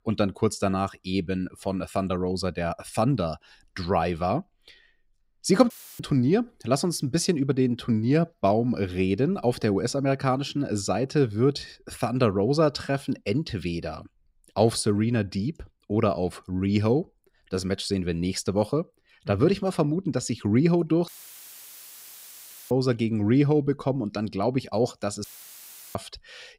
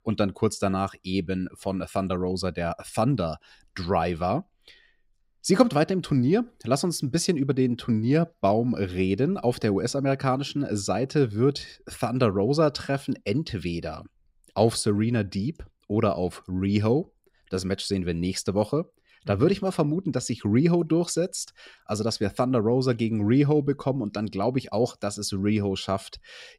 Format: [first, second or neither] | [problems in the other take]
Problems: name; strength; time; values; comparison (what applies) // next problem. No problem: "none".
second | audio cutting out; filled with static; at 5.5 s, at 21 s for 1.5 s and at 25 s for 0.5 s